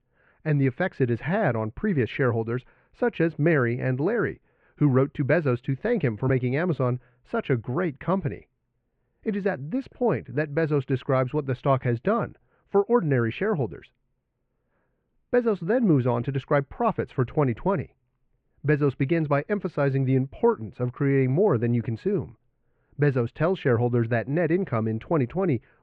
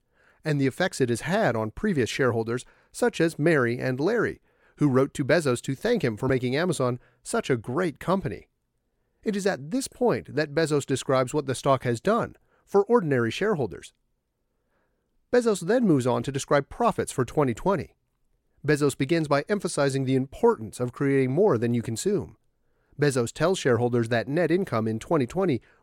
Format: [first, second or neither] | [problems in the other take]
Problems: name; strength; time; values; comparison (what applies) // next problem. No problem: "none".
second | muffled; very; fading above 2.5 kHz